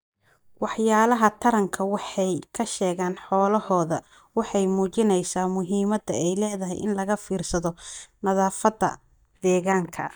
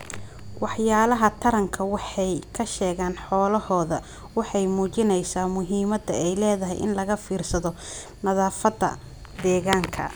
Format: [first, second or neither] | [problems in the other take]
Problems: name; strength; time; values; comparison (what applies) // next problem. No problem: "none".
second | noise reduction (neural mask model DeepFilterNet 3)